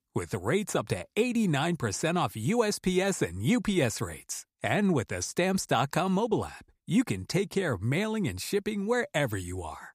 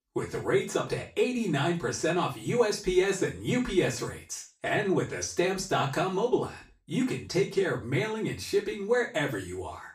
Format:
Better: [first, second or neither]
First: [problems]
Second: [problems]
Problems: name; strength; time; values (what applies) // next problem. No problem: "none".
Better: first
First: none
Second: room echo; slight; dies away in 0.3 s // off-mic speech; far